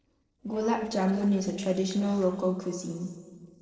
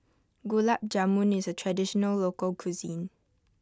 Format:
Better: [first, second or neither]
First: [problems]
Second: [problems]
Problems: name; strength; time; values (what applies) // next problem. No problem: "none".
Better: second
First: noise reduction (neural separator model SepFormer DNS4)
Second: none